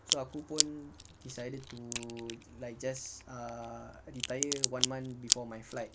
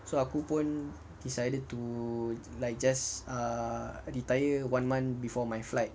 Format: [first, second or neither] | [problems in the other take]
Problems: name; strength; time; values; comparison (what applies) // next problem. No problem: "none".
second | background sound (Crack); 4 dB above the speech